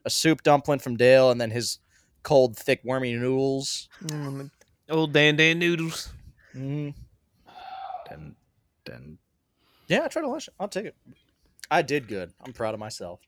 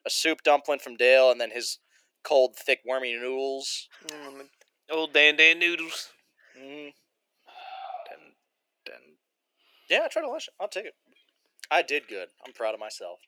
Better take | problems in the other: first | thin; very; fading below 350 Hz

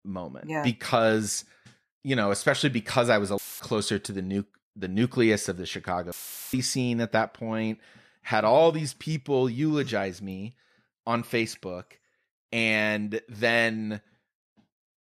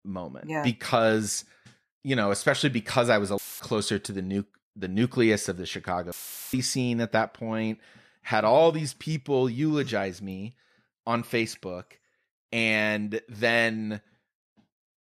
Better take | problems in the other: neither | audio cutting out; filled with static; at 3.5 s and at 6 s; the same in both

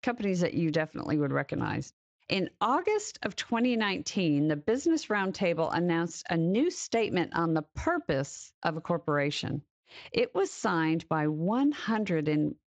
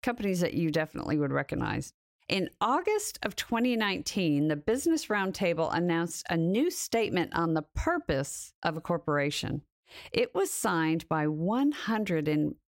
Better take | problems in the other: second | garbled, watery; slightly; nothing above 7.5 kHz

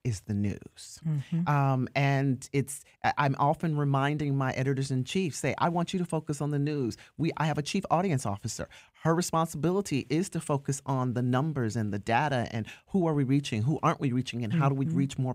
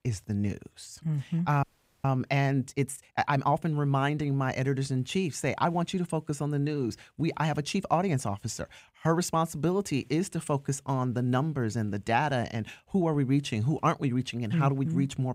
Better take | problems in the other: first | audio freezing; at 1.5 s

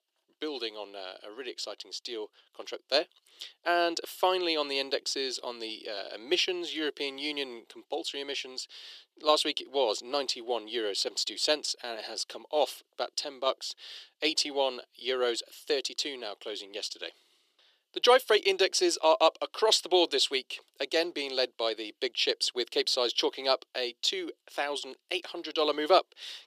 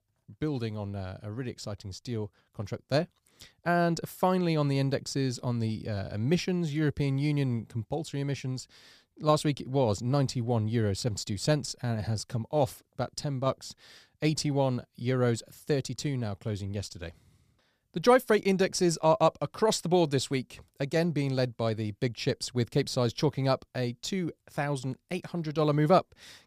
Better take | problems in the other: second | thin; very; fading below 350 Hz

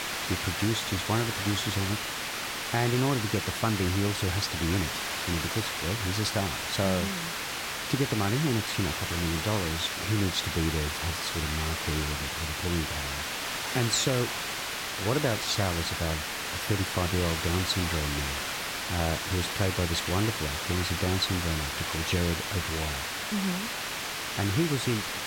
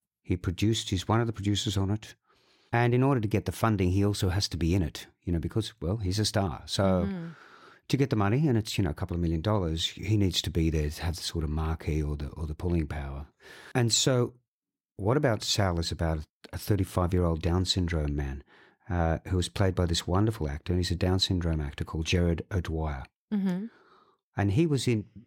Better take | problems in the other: second | hiss; loud; throughout; 1 dB below the speech

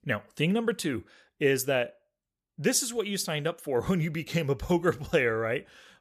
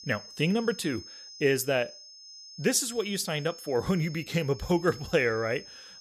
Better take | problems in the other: first | high-pitched whine; noticeable; throughout; 5 kHz, 15 dB below the speech

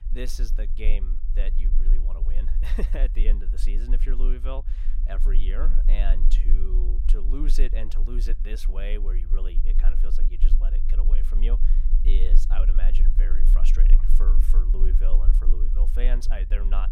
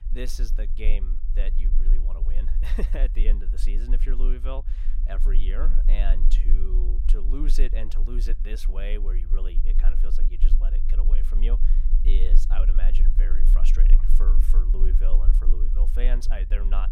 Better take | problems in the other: neither | low rumble; loud; throughout; 10 dB below the speech; the same in both

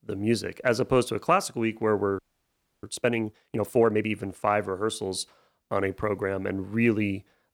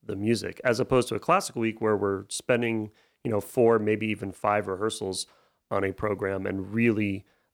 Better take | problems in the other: second | audio freezing; at 2 s for 0.5 s

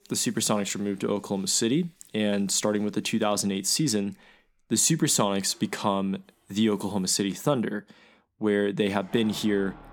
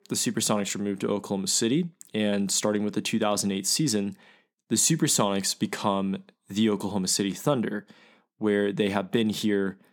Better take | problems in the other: second | household noises; faint; throughout; 30 dB below the speech

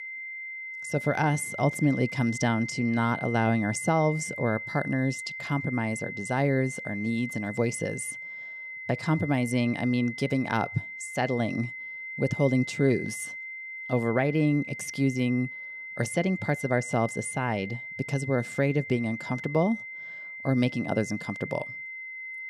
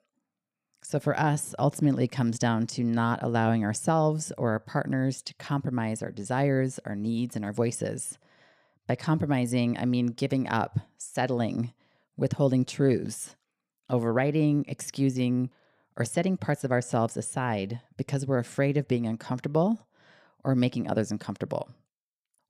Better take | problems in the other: second | high-pitched whine; loud; throughout; 2 kHz, 8 dB below the speech

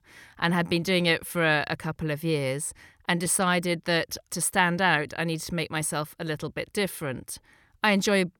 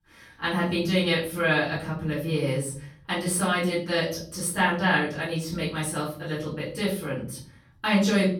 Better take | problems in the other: first | off-mic speech; far // room echo; noticeable; dies away in 0.6 s

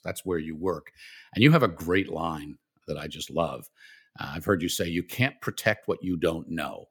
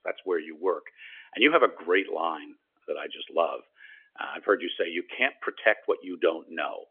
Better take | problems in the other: first | phone-call audio; nothing above 3.5 kHz

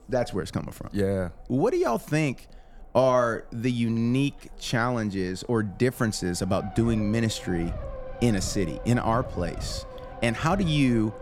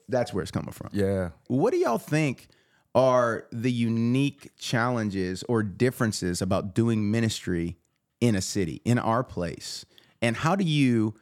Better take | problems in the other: second | low rumble; noticeable; throughout; 15 dB below the speech

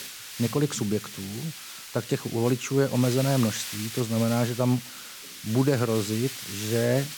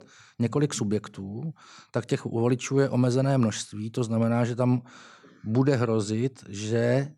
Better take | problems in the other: second | hiss; loud; throughout; 9 dB below the speech

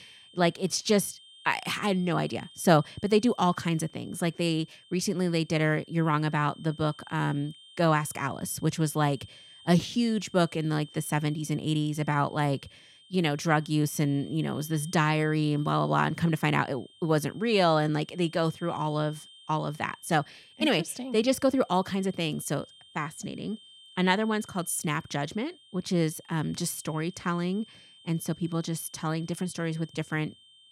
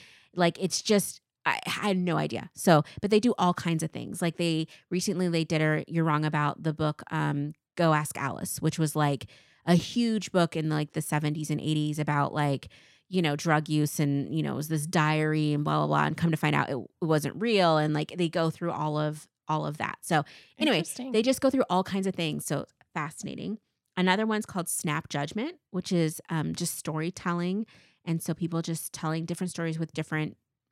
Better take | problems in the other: second | high-pitched whine; faint; throughout; 3 kHz, 25 dB below the speech

